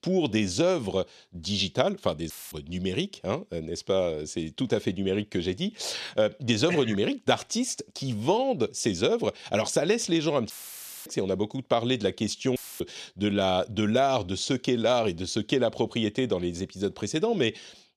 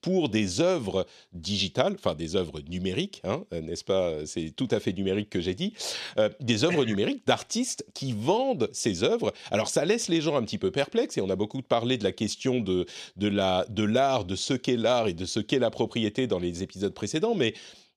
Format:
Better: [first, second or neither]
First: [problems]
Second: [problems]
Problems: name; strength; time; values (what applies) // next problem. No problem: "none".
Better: second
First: audio cutting out; filled with static; at 2.5 s, at 11 s for 0.5 s and at 13 s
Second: none